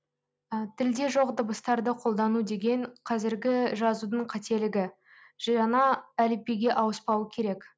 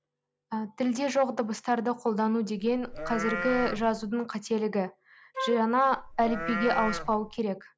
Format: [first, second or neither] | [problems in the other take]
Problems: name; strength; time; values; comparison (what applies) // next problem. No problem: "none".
first | background sound (Wind instrument, woodwind instrument + Livestock, farm animals, working animals); 6 dB below the speech